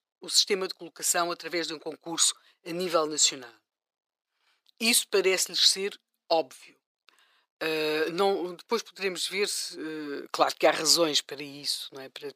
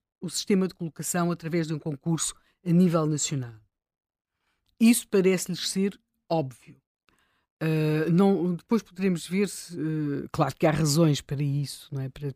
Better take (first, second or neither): second